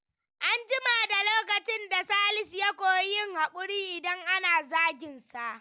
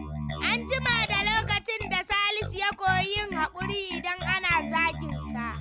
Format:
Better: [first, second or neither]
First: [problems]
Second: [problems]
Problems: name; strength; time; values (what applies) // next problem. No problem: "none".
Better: first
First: none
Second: background sound (Bass guitar); 6 dB below the speech